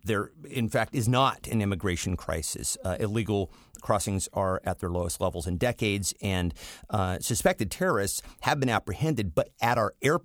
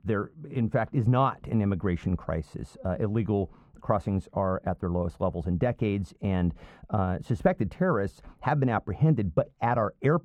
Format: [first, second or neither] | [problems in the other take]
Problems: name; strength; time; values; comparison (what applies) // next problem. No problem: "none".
first | muffled; very; fading above 3.5 kHz